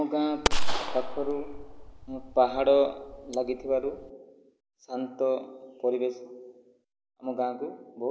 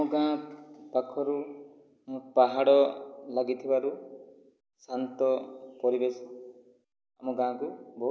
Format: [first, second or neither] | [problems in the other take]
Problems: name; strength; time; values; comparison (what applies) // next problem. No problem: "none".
second | background sound (Gunshot, gunfire); 1 dB above the speech